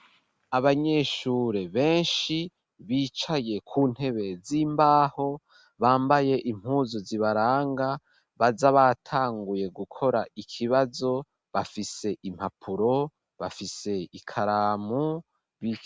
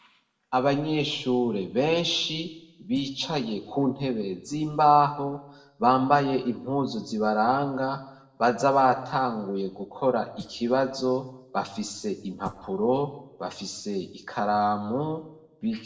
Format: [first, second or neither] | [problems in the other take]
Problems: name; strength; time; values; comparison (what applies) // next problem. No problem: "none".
first | noise reduction (neural separator model SepFormer DNS4)